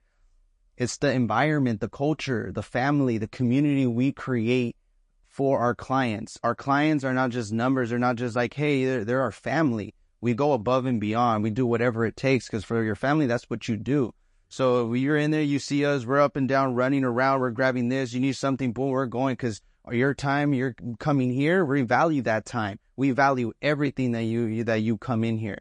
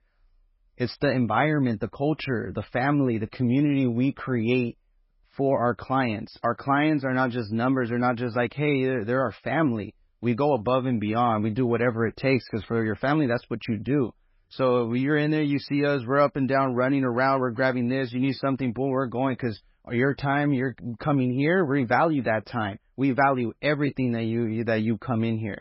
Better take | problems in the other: first | garbled, watery; badly; nothing above 5.5 kHz; slightly in the first

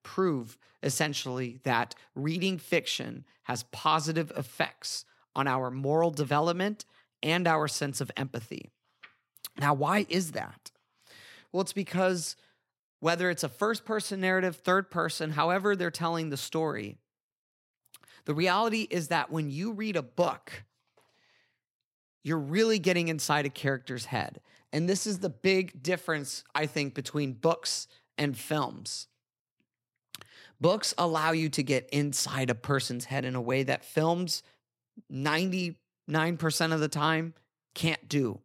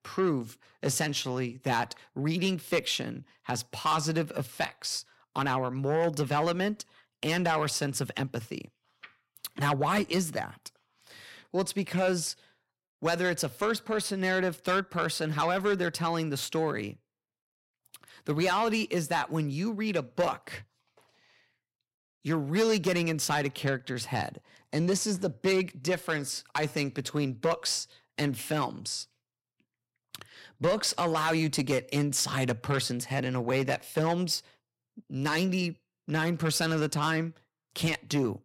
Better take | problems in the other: first | distortion; slight; 10 dB below the speech

